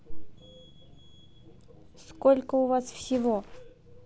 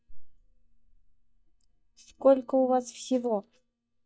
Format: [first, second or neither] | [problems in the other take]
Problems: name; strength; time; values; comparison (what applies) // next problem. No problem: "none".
first | noise reduction (neural mask model DeepFilterNet 3)